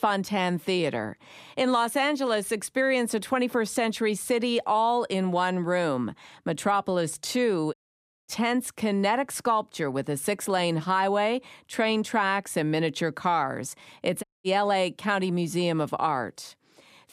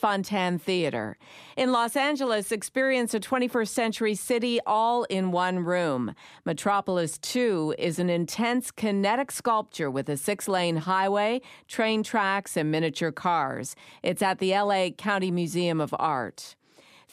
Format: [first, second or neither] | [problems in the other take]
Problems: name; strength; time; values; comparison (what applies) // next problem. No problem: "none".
second | audio cutting out; at 7.5 s for 0.5 s and at 14 s